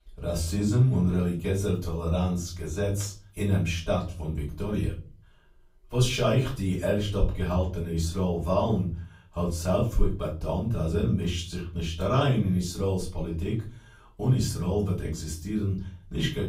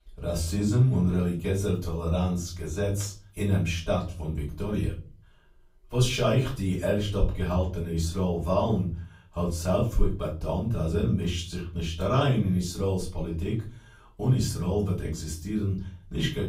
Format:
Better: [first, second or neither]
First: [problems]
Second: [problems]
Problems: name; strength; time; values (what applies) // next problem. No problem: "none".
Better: neither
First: room echo; slight; dies away in 0.3 s // off-mic speech; far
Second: room echo; slight; dies away in 0.3 s // off-mic speech; far